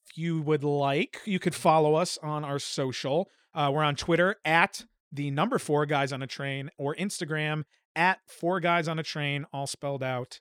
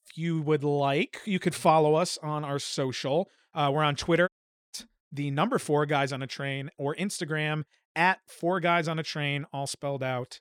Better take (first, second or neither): first